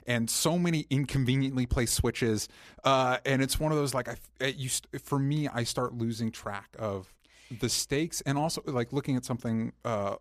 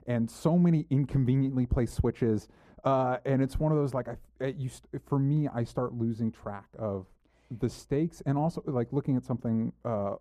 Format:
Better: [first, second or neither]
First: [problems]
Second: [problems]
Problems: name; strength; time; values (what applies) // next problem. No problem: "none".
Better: first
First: none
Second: muffled; very; fading above 1.5 kHz